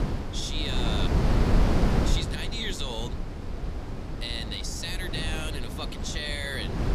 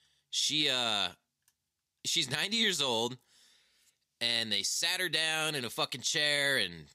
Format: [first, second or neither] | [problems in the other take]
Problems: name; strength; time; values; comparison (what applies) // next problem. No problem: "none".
second | wind noise on the microphone; heavy; 2 dB below the speech